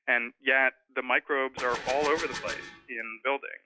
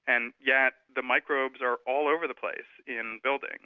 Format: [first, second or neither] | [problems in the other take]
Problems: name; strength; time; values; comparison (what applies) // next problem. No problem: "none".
second | noise reduction (classical method log-MMSE)